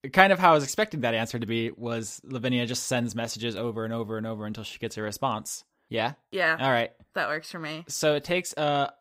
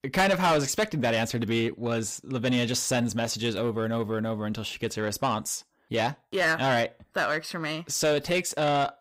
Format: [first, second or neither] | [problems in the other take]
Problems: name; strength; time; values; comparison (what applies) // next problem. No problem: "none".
first | distortion; heavy; 7 dB below the speech